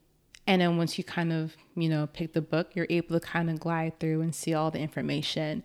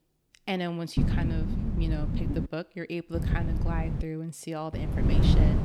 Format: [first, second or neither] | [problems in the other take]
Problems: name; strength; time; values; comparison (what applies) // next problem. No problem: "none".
first | wind noise on the microphone; heavy; from 1 to 2.5 s, at 3 s and at 4.5 s; 2 dB below the speech